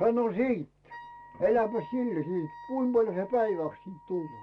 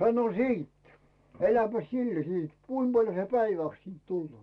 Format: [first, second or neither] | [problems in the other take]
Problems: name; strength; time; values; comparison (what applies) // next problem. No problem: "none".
second | background sound (Wind instrument, woodwind instrument); 19 dB below the speech